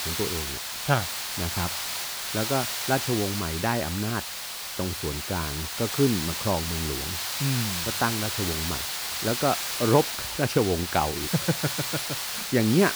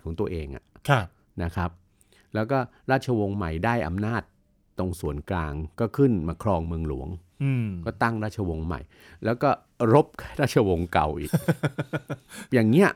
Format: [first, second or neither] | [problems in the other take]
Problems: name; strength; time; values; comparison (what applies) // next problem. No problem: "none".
second | hiss; loud; throughout; 1 dB below the speech